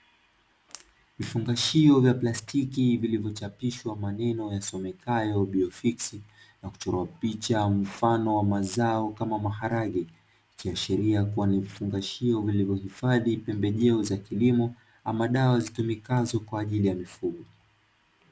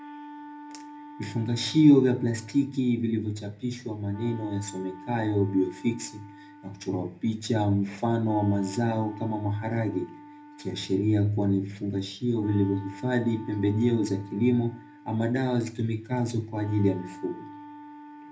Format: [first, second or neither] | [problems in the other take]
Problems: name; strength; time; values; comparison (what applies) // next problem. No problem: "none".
first | background sound (Wind instrument, woodwind instrument); 18 dB below the speech // room echo; dies away in 0.3 s